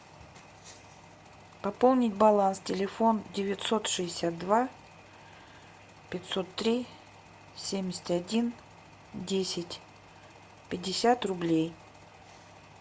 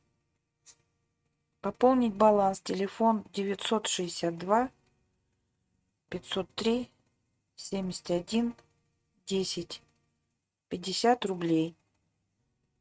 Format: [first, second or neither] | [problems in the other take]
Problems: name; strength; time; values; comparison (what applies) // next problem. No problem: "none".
first | noise reduction (neural mask model RNNoise)